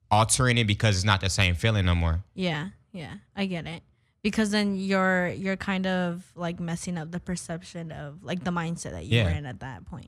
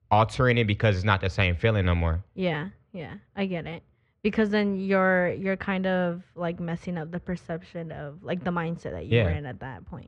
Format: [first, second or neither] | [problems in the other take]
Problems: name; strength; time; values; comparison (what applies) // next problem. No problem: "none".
first | muffled; very; fading above 2.5 kHz